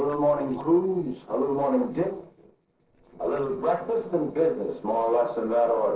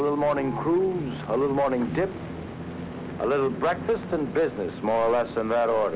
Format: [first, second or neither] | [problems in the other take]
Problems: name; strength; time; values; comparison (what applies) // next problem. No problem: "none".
second | noise reduction (neural separator model SepFormer DNS4)